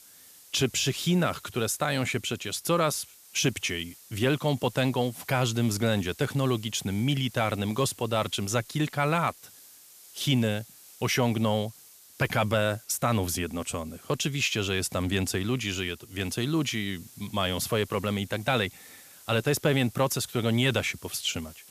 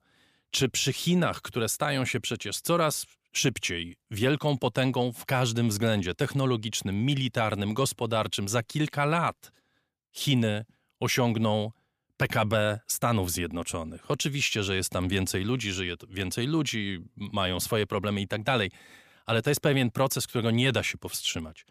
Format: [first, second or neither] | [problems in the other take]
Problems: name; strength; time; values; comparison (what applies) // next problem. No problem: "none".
second | hiss; faint; throughout; 20 dB below the speech